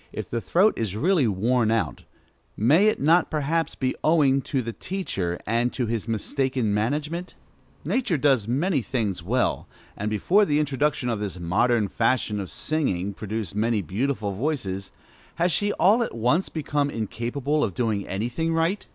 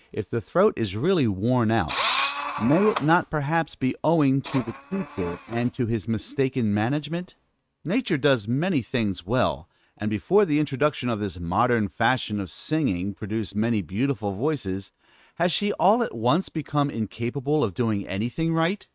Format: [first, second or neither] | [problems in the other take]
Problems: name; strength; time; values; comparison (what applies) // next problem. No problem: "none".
first | noise reduction (neural mask model RNNoise)